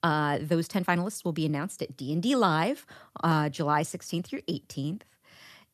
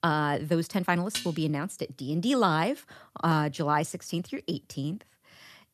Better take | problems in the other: first | clattering dishes; noticeable; at 1 s; peak 6 dB below the speech

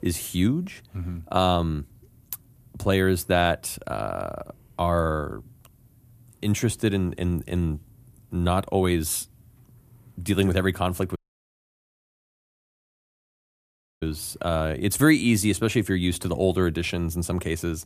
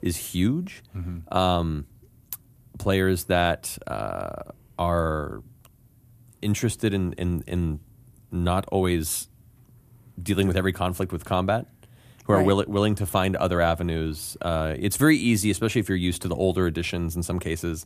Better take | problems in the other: second | audio cutting out; at 11 s for 3 s

